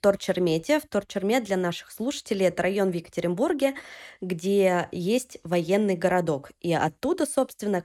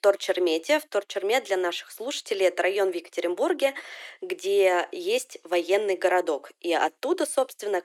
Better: first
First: none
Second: thin; very; fading below 350 Hz

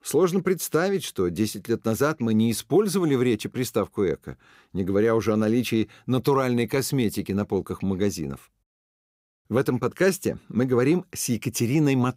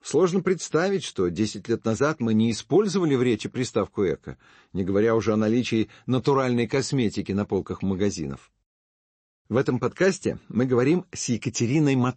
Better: first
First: none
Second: garbled, watery; slightly; nothing above 8 kHz

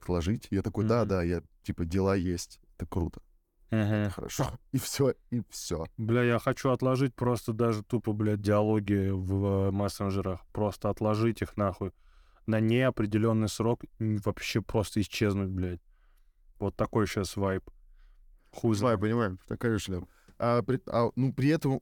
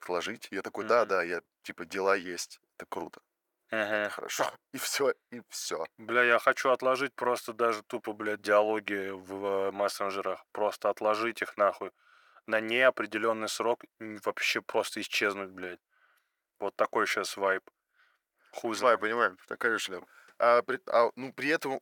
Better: first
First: none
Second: thin; very; fading below 550 Hz

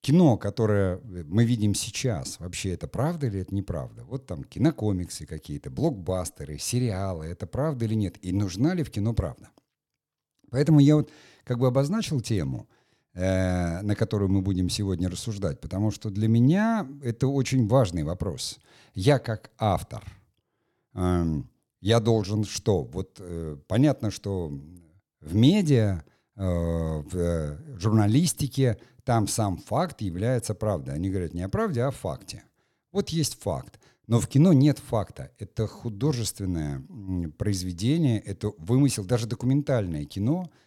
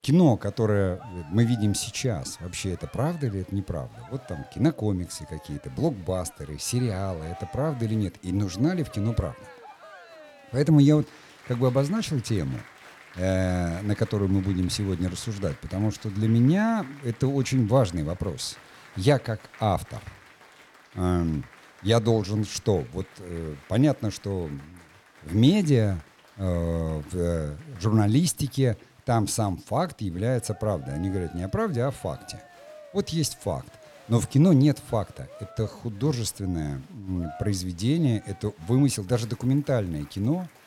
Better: first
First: none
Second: crowd noise; faint; throughout; 20 dB below the speech

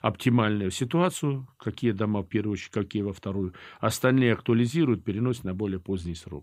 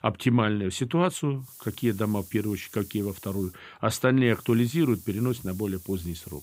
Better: first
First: none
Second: hiss; noticeable; from 1.5 to 3.5 s and from 4.5 s on; 20 dB below the speech

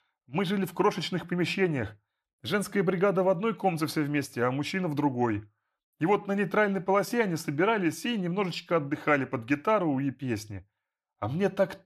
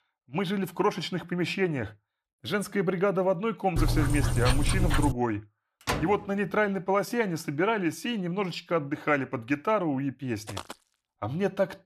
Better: first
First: none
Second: dog barking; loud; from 4 to 5 s; peak 2 dB above the speech // door banging; noticeable; at 6 s; peak 3 dB below the speech // footsteps; faint; at 10 s; peak 10 dB below the speech

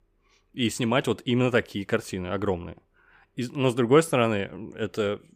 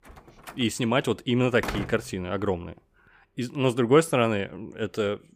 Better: first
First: none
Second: door banging; noticeable; until 2 s; peak 7 dB below the speech

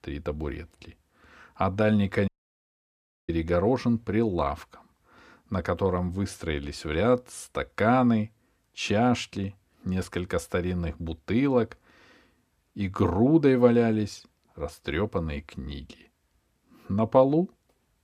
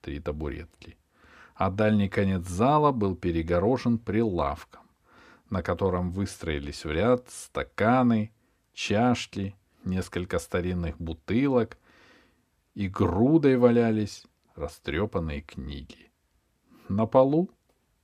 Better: second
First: audio cutting out; at 2.5 s for 1 s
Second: none

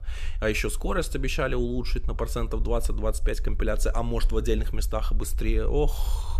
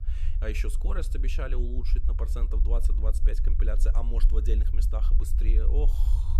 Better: first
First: low rumble; faint; throughout; 25 dB below the speech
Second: low rumble; loud; throughout; 9 dB below the speech

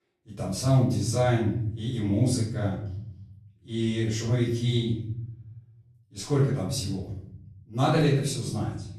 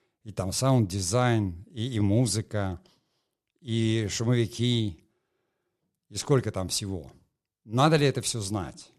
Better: second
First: off-mic speech; far // room echo; noticeable; dies away in 1 s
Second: none

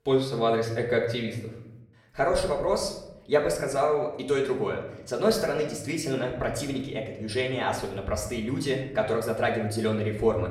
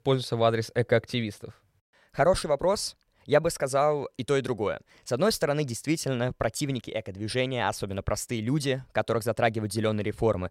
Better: second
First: room echo; slight; dies away in 0.7 s // off-mic speech; far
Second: none

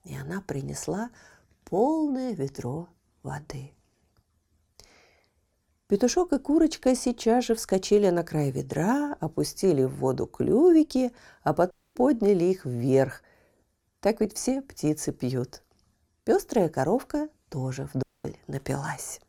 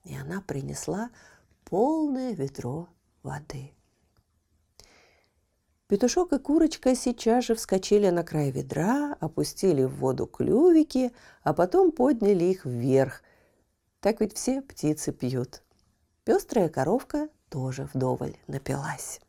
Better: second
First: audio cutting out; at 12 s and at 18 s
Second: none

